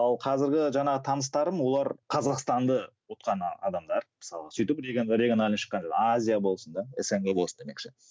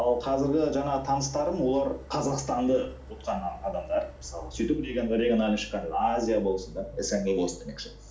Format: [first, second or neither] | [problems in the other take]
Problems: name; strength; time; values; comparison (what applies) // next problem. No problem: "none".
first | background sound (Idling); 17 dB below the speech // room echo; dies away in 0.4 s